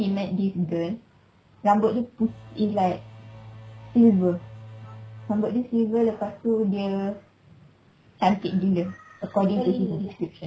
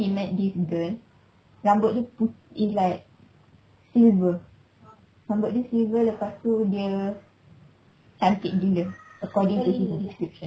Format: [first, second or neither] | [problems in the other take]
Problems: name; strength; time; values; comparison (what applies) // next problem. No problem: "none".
second | background sound (Engine / Domestic sounds, home sounds); 18 dB below the speech